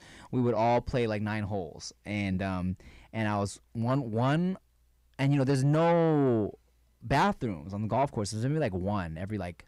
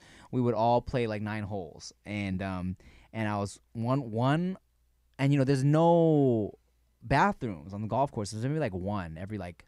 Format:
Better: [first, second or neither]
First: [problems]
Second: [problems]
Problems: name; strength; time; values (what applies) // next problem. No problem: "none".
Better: second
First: distortion; slight; 10 dB below the speech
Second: none